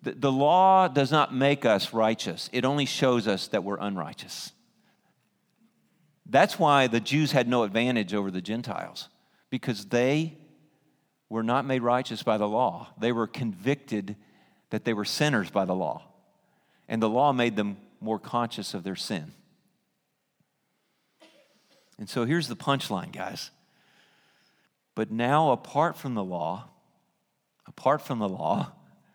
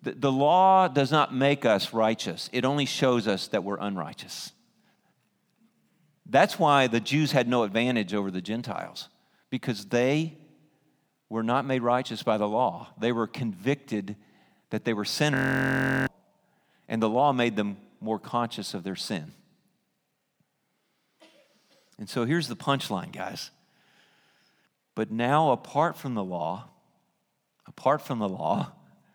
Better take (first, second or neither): first